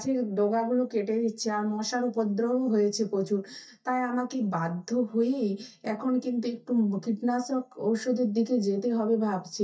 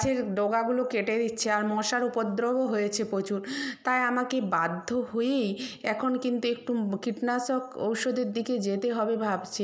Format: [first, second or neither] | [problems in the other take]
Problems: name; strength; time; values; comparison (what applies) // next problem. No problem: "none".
second | noise reduction (neural mask model DeepFilterNet 3)